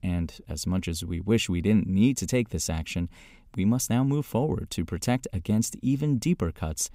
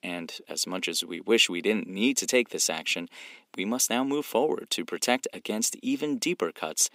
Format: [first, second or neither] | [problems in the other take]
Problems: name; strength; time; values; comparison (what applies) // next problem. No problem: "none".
first | thin; somewhat; fading below 300 Hz